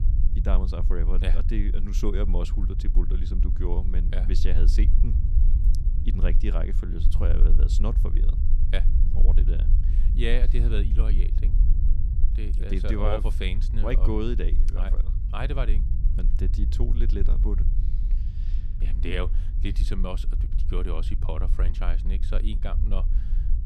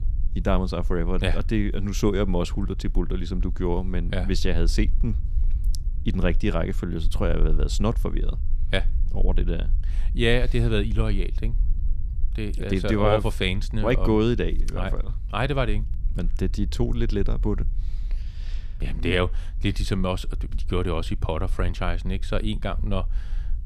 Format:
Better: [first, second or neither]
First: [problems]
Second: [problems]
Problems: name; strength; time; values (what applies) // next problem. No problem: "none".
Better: second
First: low rumble; loud; throughout; 10 dB below the speech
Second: low rumble; faint; throughout; 25 dB below the speech